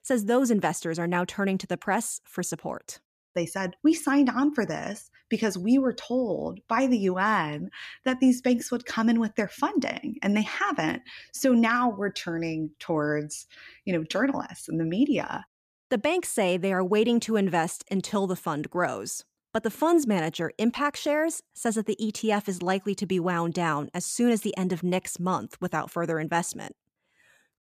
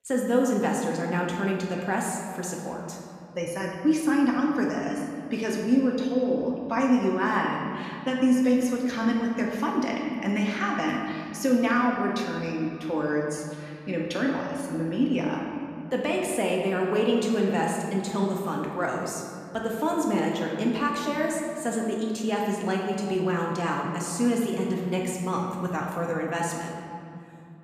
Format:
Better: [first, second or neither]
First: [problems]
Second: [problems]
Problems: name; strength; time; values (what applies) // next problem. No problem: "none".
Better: first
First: none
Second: room echo; noticeable; dies away in 2.2 s // off-mic speech; somewhat distant